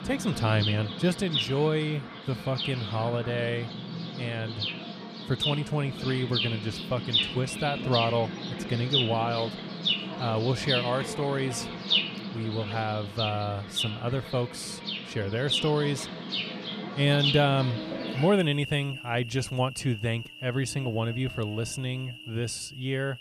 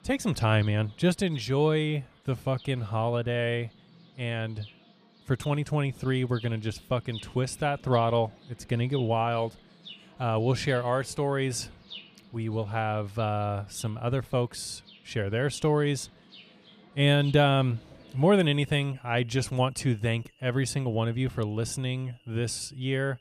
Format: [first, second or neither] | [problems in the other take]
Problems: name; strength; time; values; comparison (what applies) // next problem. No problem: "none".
second | animal sounds; loud; throughout; 3 dB below the speech; faint in the second